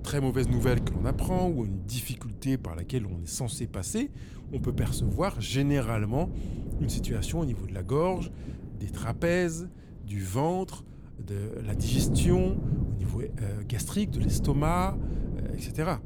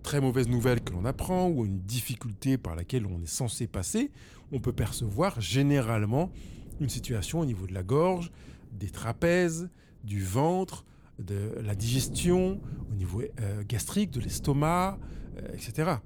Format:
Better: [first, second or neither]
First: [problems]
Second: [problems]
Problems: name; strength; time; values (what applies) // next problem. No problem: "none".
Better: second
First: wind noise on the microphone; heavy; 10 dB below the speech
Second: wind noise on the microphone; occasional gusts; 20 dB below the speech